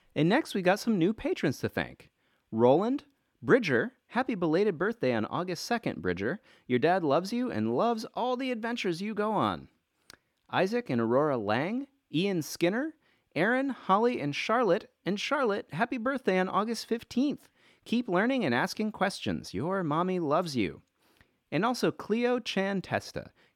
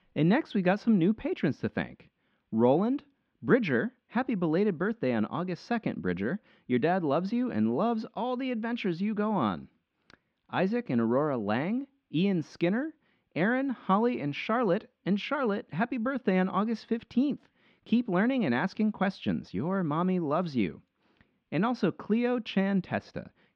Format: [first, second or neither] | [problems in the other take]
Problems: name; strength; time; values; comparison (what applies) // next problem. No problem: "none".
first | muffled; slightly; fading above 3.5 kHz